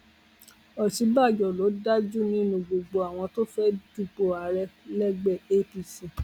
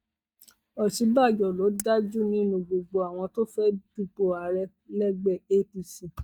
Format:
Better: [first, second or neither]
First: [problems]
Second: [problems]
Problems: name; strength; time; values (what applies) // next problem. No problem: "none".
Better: first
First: none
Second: noise reduction (neural mask model DeepFilterNet 3)